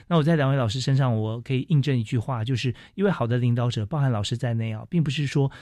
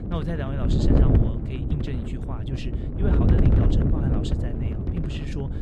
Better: first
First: none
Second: wind noise on the microphone; heavy; 5 dB above the speech

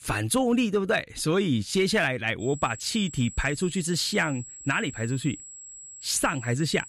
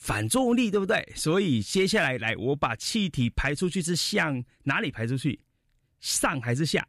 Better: second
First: high-pitched whine; noticeable; from 2.5 s on; 7.5 kHz, 15 dB below the speech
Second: none

